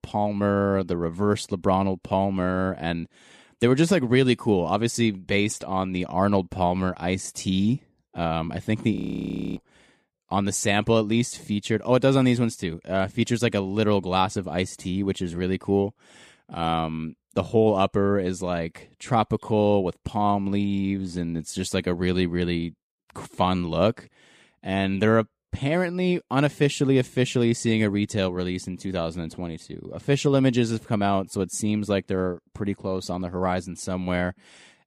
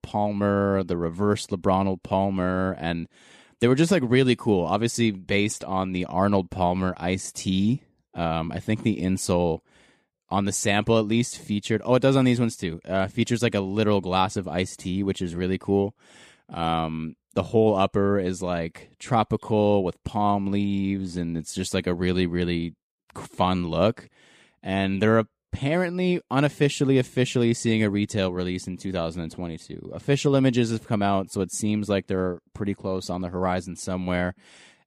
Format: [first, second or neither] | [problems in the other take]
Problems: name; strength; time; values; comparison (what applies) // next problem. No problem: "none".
second | audio freezing; at 9 s for 0.5 s